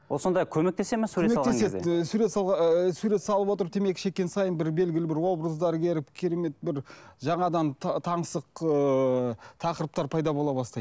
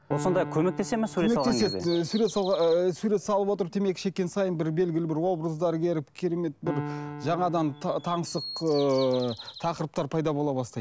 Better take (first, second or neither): first